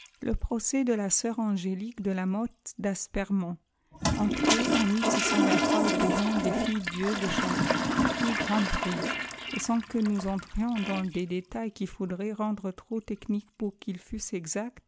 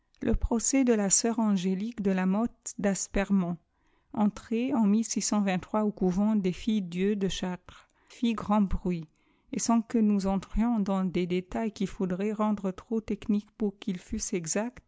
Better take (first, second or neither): second